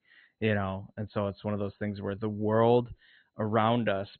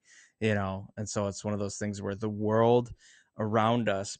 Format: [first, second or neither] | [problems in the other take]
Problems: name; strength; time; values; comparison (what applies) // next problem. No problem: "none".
second | garbled, watery; badly; nothing above 4 kHz; slightly in the second